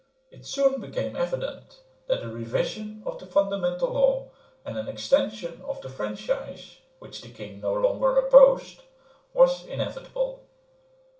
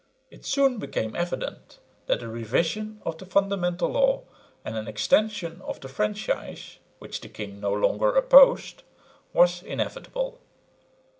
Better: second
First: room echo; dies away in 0.3 s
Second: none

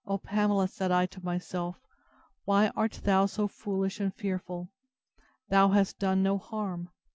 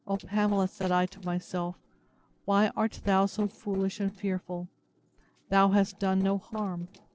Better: first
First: none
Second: noise reduction (neural separator model SepFormer DNS4)

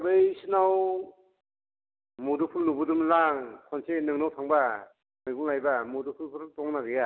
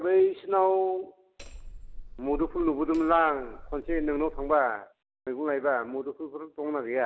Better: first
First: none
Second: background sound (Hammer); 12 dB below the speech

